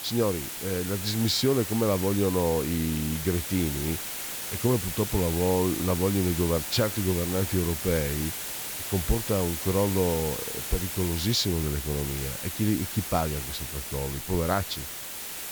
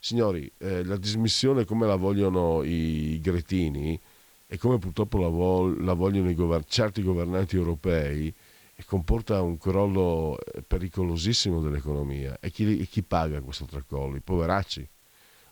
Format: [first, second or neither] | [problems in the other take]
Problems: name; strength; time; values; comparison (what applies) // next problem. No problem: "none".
second | hiss; loud; throughout; 4 dB below the speech; faint in the second